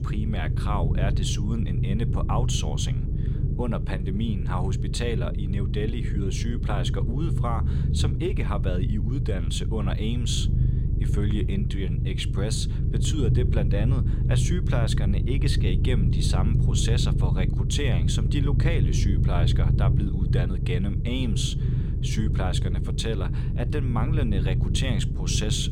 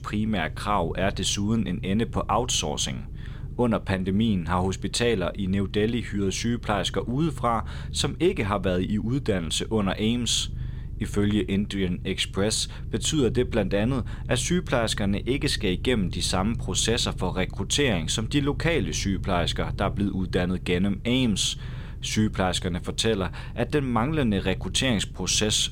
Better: second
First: low rumble; loud; throughout; 5 dB below the speech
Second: low rumble; faint; throughout; 20 dB below the speech

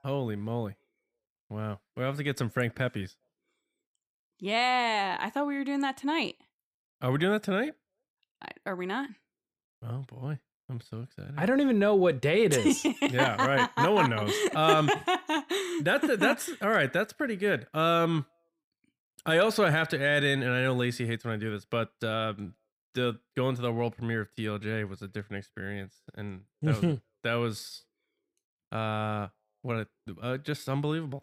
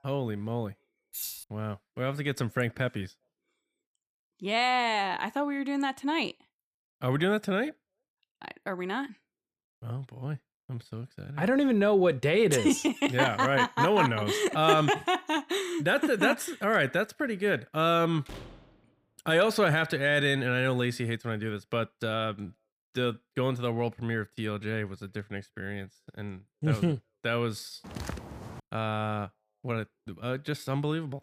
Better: first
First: none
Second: jangling keys; noticeable; at 1 s; peak 7 dB below the speech // door banging; faint; at 18 s; peak 15 dB below the speech // footsteps; faint; at 28 s; peak 10 dB below the speech

